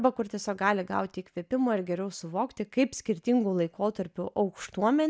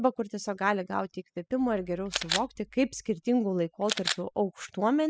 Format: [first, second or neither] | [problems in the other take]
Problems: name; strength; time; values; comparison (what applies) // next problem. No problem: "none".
first | noise reduction (classical method spectral subtraction)